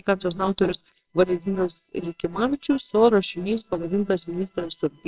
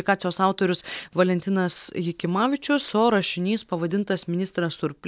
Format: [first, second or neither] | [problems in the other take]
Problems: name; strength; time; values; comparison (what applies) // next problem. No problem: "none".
second | noise reduction (neural separator model SepFormer WHAMR!)